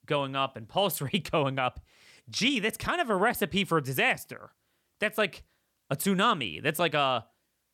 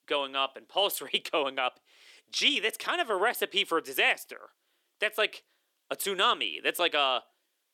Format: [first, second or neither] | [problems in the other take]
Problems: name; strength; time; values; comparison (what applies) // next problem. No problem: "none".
first | thin; somewhat; fading below 350 Hz